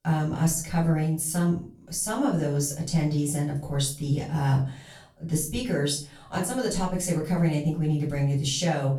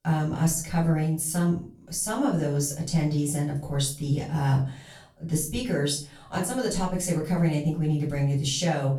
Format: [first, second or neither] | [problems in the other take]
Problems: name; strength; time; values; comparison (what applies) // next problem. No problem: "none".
neither | off-mic speech; far; the same in both // room echo; slight; dies away in 0.3 s; the same in both